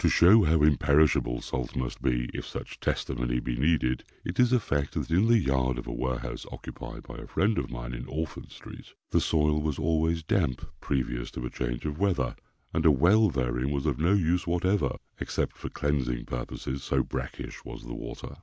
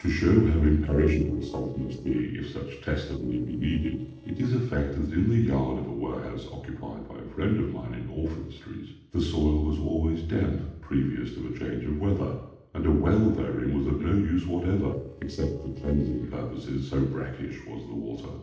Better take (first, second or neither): first